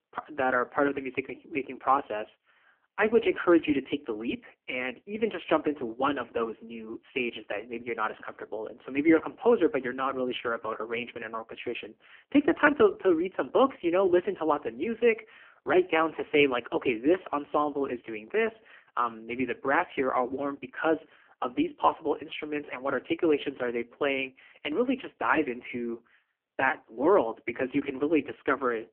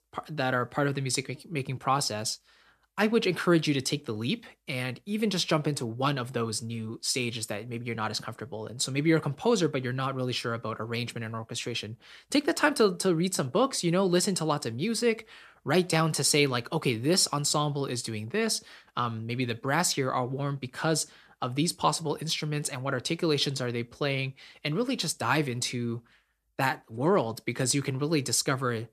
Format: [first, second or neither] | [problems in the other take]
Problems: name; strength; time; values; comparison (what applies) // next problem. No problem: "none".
second | phone-call audio; poor line; nothing above 3 kHz